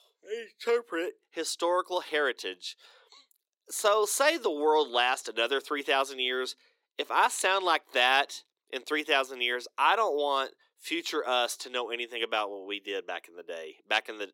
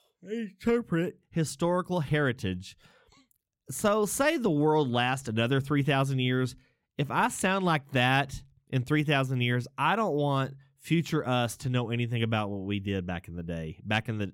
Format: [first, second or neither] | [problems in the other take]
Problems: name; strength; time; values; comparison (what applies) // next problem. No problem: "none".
second | thin; very; fading below 350 Hz